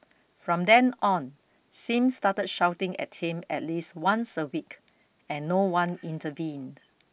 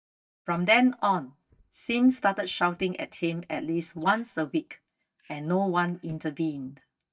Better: first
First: none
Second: noise reduction (neural mask model DeepFilterNet 3)

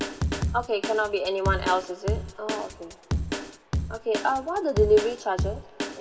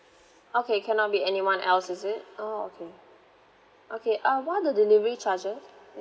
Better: second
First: background sound (Drum kit); 3 dB below the speech // room echo; dies away in 1.1 s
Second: none

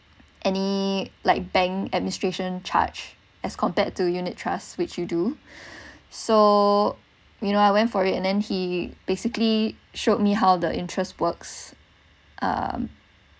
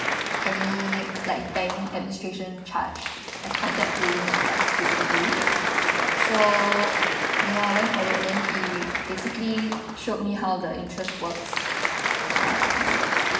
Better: first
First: none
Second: background sound (Applause); 3 dB above the speech // room echo; dies away in 0.9 s

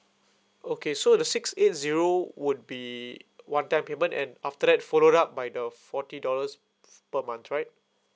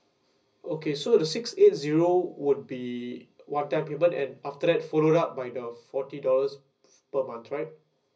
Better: first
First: none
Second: room echo; dies away in 0.4 s

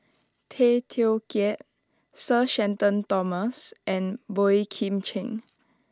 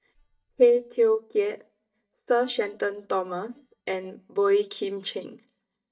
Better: first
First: none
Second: noise reduction (neural mask model DeepFilterNet 3)

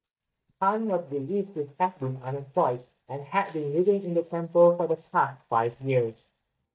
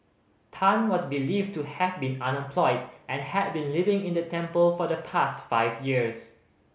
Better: second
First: noise reduction (neural mask model DeepFilterNet 3)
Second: none

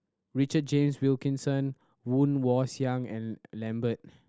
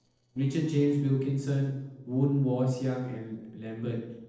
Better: first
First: none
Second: noise reduction (neural separator model SepFormer DNS4)

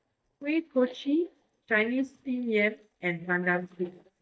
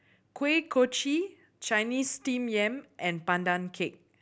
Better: second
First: noise reduction (neural mask model DeepFilterNet 3)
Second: none

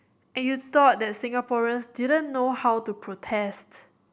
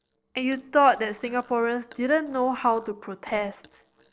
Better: first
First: none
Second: noise reduction (neural separator model SepFormer DNS4)

